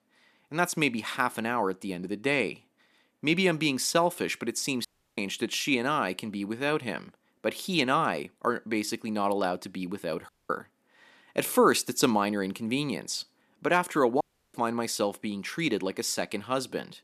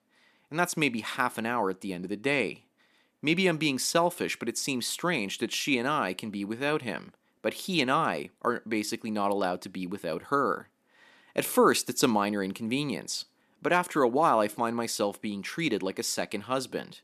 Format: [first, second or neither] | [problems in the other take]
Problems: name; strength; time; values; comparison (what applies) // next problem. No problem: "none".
second | audio cutting out; at 5 s, at 10 s and at 14 s